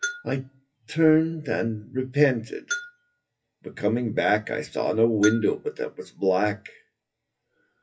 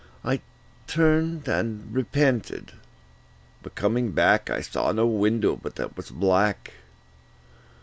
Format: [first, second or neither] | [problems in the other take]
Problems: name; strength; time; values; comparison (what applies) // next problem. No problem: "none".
second | noise reduction (classical method WPE with log-MMSE)